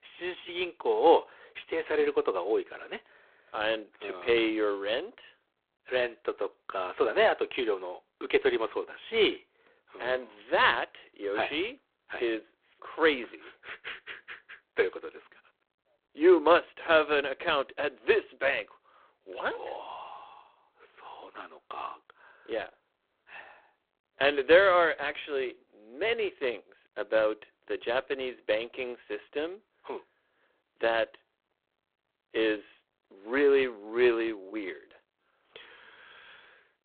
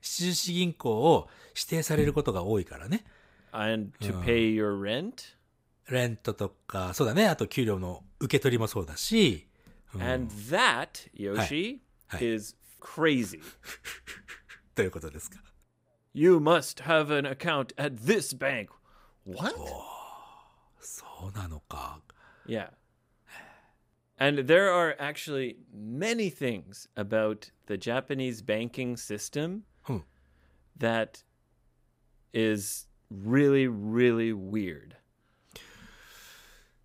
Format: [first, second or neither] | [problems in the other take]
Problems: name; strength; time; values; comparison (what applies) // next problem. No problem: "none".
second | phone-call audio; poor line